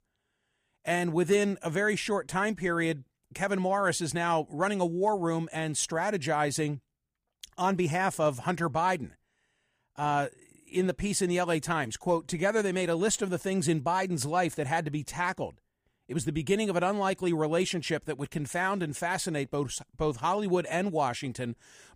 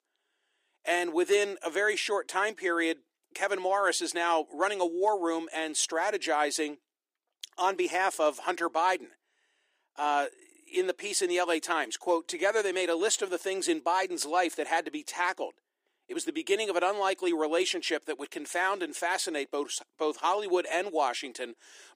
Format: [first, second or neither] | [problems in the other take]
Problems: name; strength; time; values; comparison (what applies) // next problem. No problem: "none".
first | thin; very; fading below 300 Hz